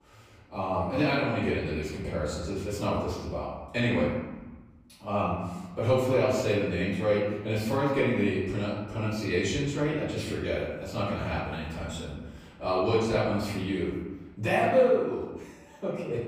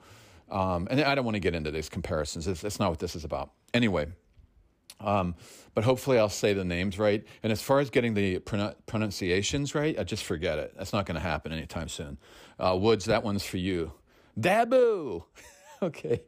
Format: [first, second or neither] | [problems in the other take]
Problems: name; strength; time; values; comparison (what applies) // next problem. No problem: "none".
second | off-mic speech; far // room echo; noticeable; dies away in 1.1 s